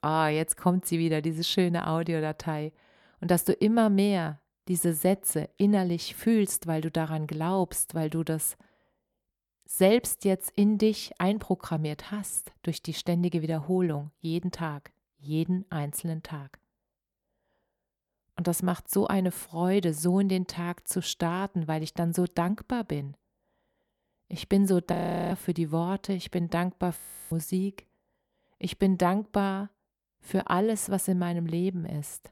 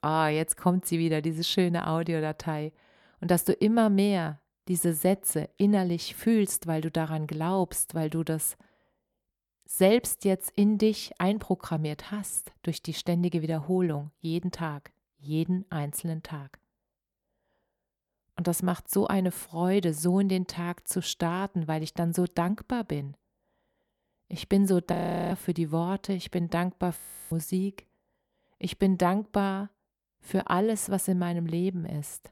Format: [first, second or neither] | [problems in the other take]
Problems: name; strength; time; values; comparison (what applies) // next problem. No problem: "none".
neither | audio freezing; at 25 s and at 27 s; the same in both